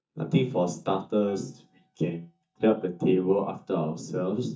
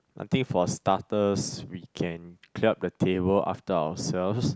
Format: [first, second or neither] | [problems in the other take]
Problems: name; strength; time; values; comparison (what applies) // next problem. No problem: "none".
second | noise reduction (neural mask model DeepFilterNet 3)